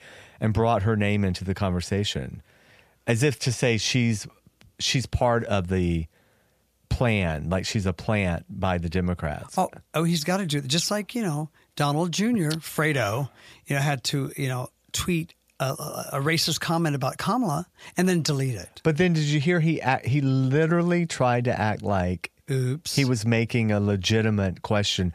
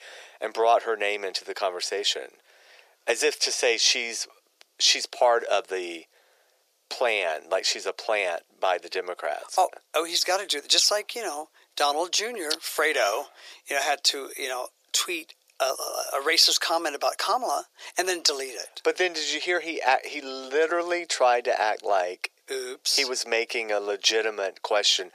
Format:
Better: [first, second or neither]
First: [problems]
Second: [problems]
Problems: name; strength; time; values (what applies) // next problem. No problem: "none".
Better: first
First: none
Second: thin; very; fading below 400 Hz